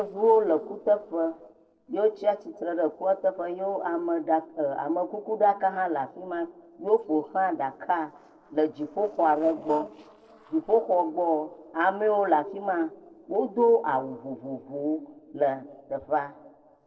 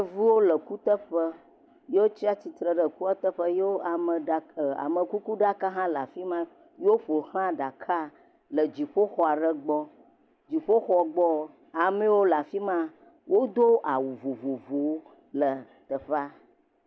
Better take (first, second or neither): second